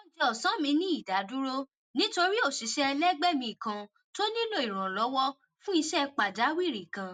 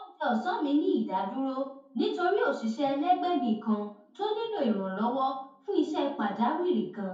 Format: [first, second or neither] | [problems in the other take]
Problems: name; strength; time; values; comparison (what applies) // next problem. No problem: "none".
first | room echo; dies away in 0.6 s